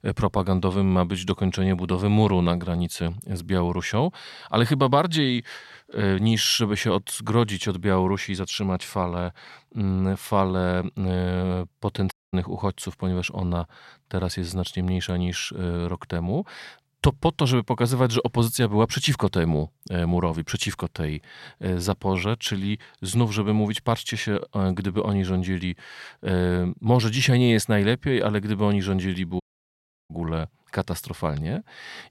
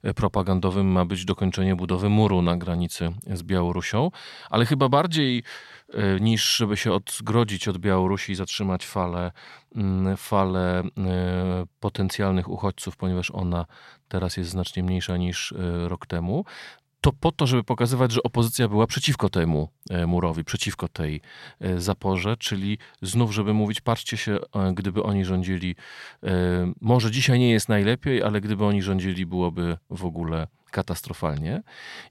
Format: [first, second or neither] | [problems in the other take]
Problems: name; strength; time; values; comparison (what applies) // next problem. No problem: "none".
second | audio cutting out; at 12 s and at 29 s for 0.5 s